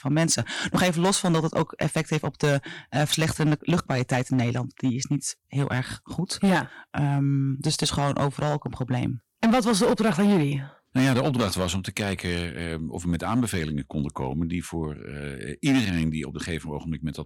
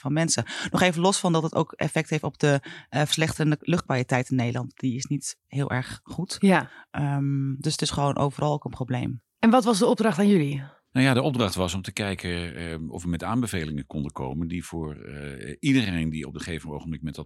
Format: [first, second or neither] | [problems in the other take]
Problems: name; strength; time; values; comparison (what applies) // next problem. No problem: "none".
second | distortion; slight; 6% of the sound clipped